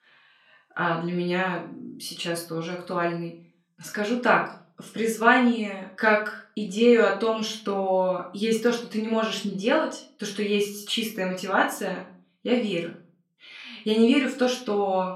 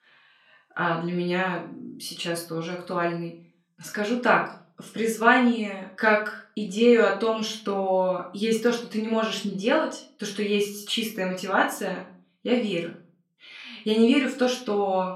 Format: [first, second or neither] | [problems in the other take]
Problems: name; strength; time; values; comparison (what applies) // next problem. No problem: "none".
neither | off-mic speech; far; the same in both // room echo; slight; dies away in 0.3 s; the same in both